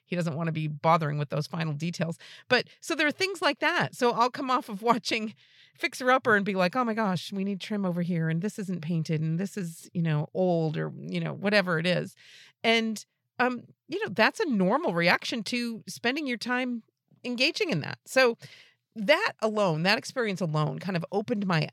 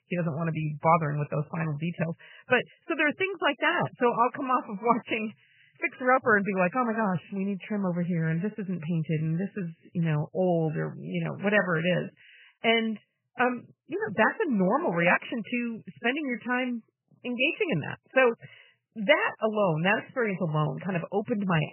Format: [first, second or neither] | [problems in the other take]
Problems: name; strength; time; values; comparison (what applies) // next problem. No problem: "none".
first | garbled, watery; badly; nothing above 3 kHz